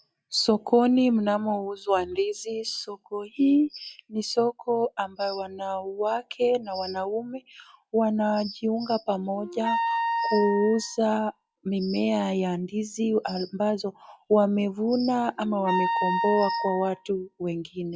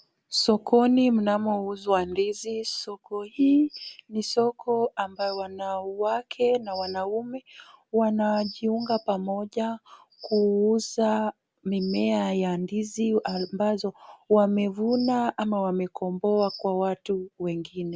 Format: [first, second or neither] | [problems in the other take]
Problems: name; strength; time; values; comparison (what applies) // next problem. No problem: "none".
second | noise reduction (classical method log-MMSE)